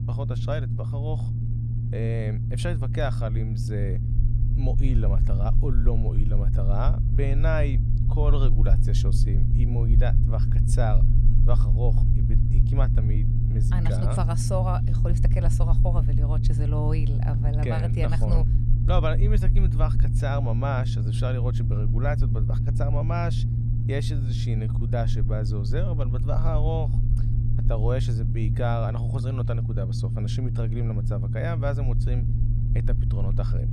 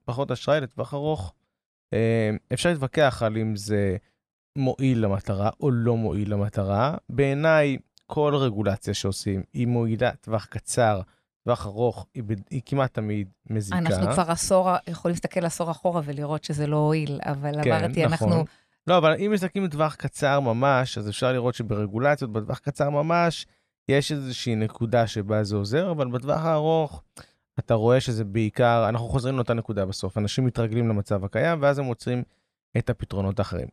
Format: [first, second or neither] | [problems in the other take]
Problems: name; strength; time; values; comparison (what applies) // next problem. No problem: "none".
second | low rumble; loud; throughout; 4 dB below the speech